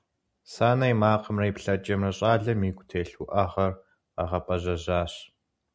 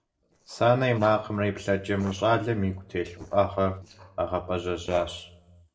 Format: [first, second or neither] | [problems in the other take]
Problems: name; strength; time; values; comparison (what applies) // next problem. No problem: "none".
first | noise reduction (neural separator model SepFormer DNS4)